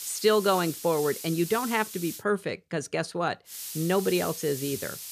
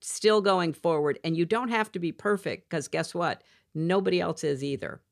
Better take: second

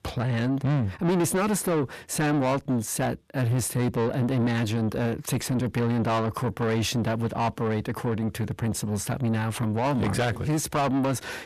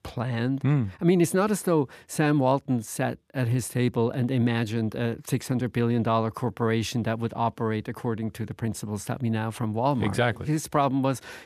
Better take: second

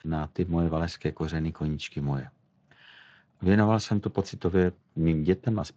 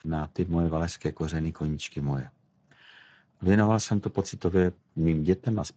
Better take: first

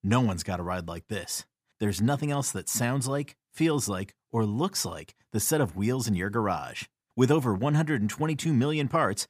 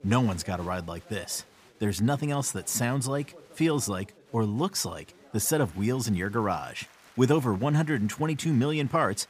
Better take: first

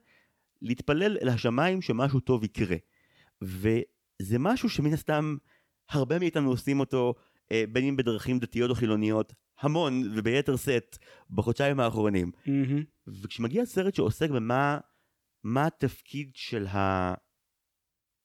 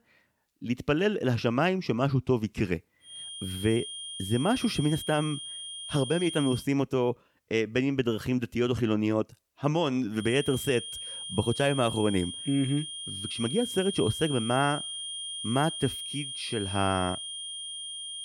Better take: first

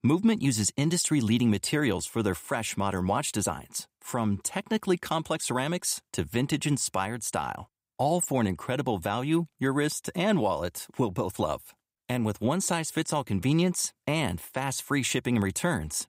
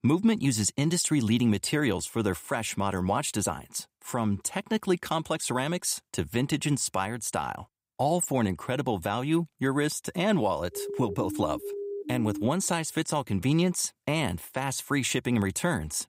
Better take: first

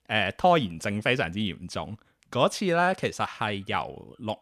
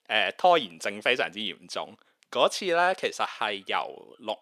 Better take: first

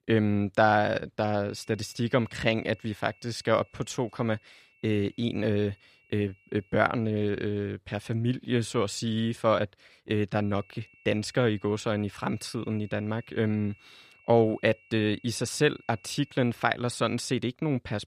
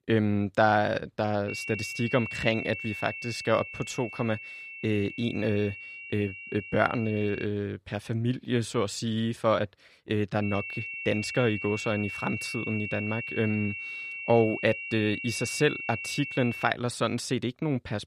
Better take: first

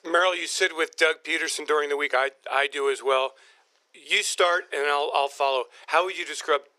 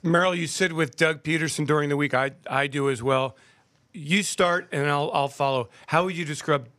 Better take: second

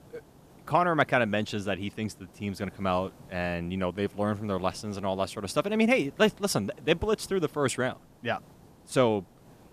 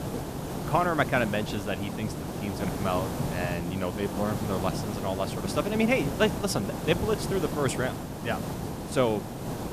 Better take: first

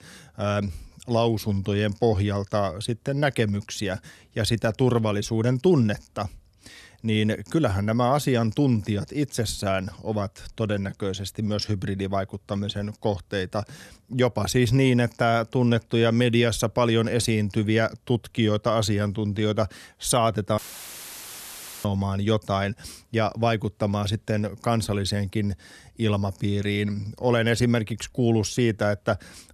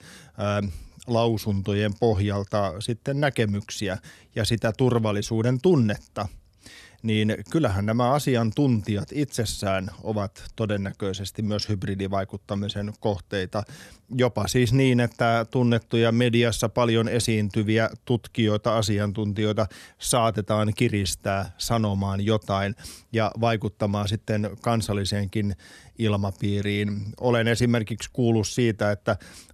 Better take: second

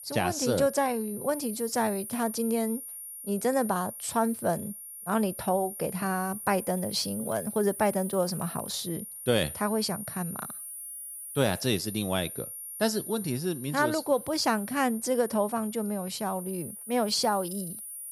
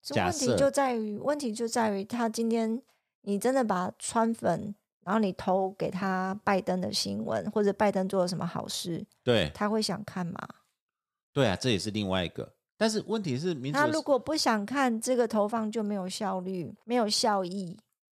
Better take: second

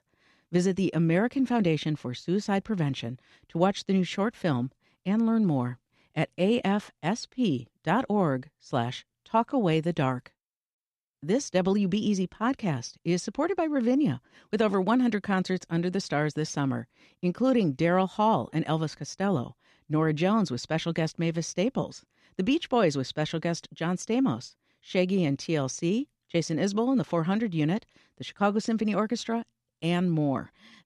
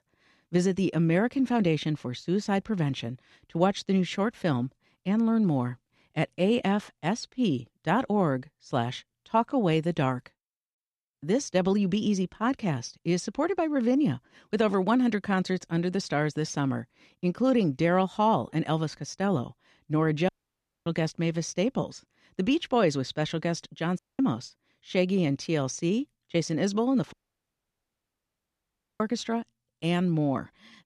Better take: first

